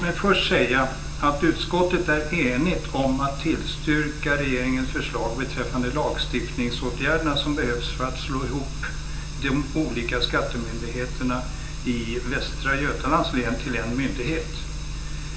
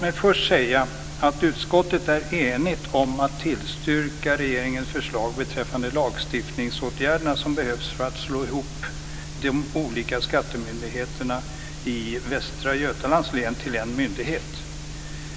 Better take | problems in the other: second | room echo; dies away in 0.5 s

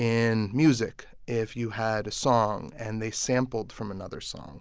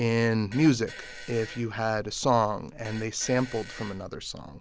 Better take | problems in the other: first | background sound (Fart); 19 dB below the speech

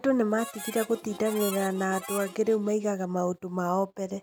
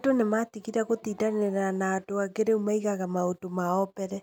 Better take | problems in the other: second | background sound (Harmonica); 13 dB below the speech

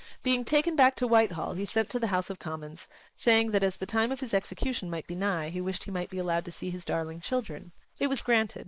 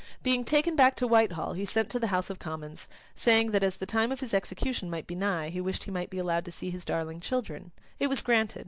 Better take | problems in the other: second | noise reduction (neural mask model Resemble Enhance denoiser)

